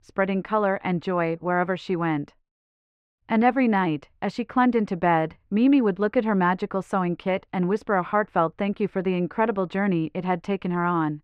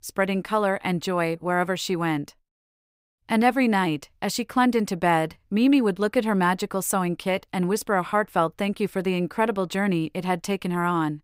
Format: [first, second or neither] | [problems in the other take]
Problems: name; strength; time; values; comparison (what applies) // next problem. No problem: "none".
second | muffled; very; fading above 2 kHz